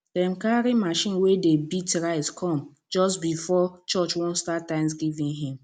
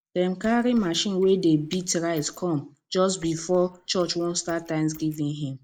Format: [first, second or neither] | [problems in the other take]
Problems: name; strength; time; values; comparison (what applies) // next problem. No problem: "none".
first | noise reduction (neural mask model Resemble Enhance denoiser)